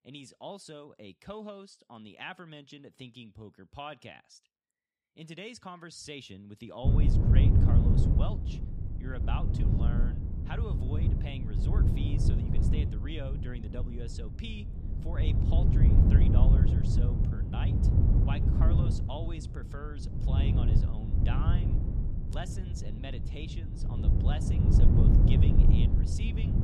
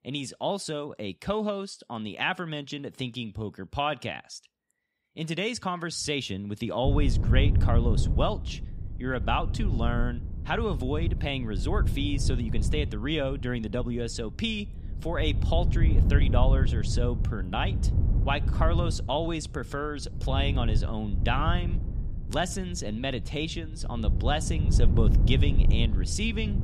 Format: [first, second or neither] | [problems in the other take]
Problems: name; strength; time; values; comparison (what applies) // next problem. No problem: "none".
second | wind noise on the microphone; heavy; from 7 s on; 3 dB above the speech; occasional gusts in the second